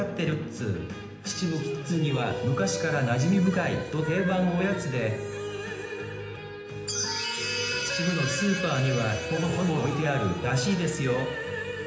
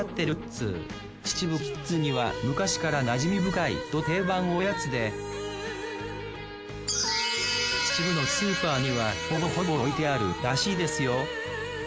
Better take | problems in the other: second | room echo; dies away in 0.8 s

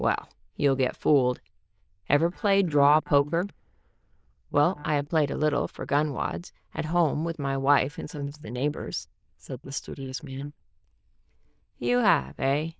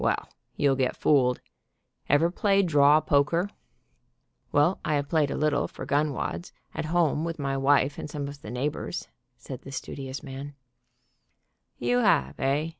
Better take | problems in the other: second | noise reduction (neural diffusion model UNIVERSE++)

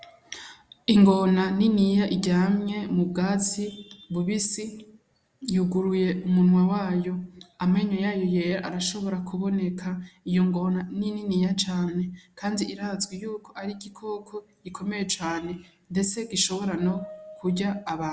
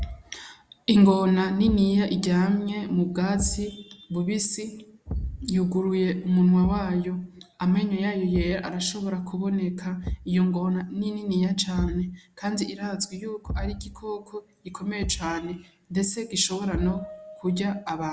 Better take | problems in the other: first | background sound (Thump, thud); 13 dB below the speech

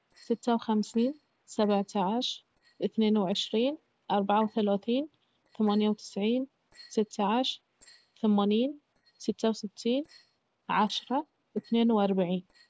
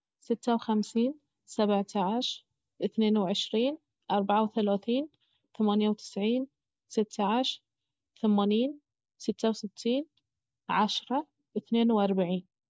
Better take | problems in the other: second | noise reduction (neural separator model SepFormer DNS4)

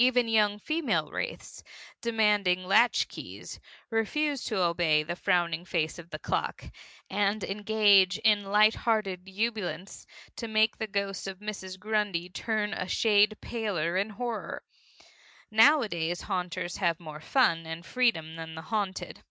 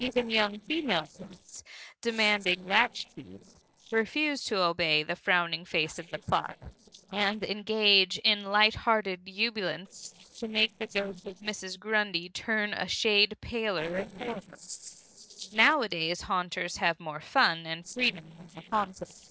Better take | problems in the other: first | noise reduction (neural separator model SepFormer DNS4)

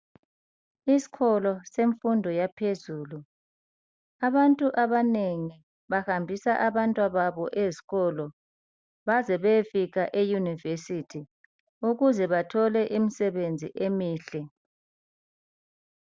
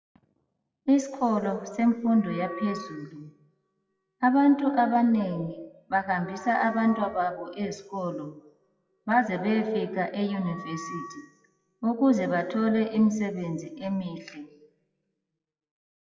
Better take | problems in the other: first | noise reduction (classical method WPE with log-MMSE)

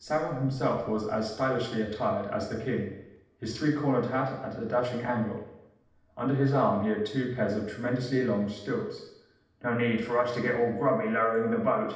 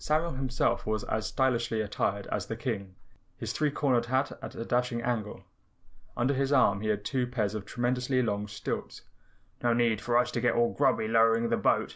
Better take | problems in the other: second | room echo; dies away in 0.8 s

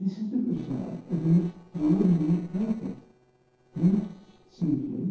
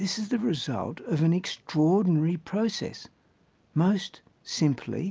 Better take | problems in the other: second | noise reduction (neural separator model SepFormer DNS4)

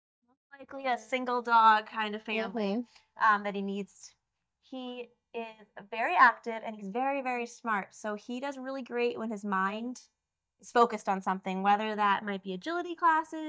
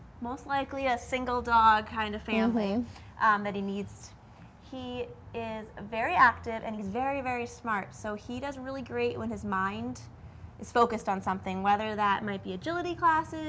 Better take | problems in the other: second | noise reduction (neural mask model DeepFilterNet 3)

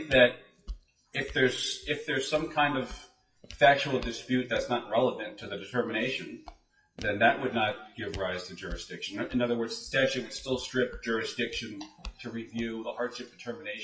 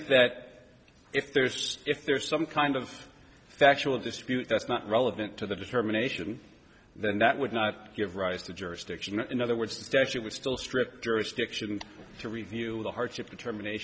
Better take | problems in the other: second | noise reduction (classical method WPE with log-MMSE)

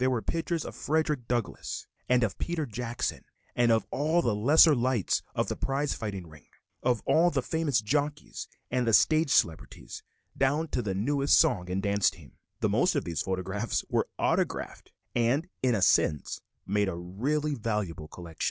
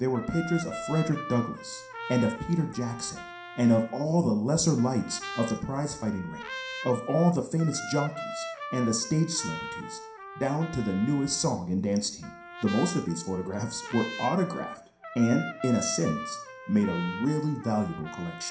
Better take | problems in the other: first | background sound (Trumpet); 12 dB below the speech // room echo; dies away in 0.5 s

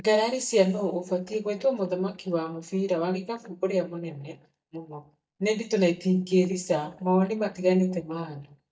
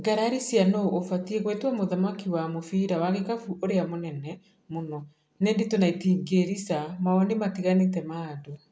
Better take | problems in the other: second | noise reduction (neural mask model DeepFilterNet 3)

